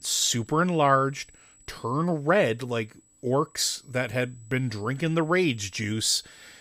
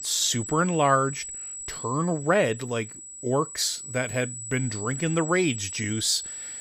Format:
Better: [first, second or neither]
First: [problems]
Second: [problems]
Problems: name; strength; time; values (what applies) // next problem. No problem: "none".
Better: first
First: high-pitched whine; faint; throughout; 8 kHz, 30 dB below the speech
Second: high-pitched whine; loud; throughout; 8 kHz, 9 dB below the speech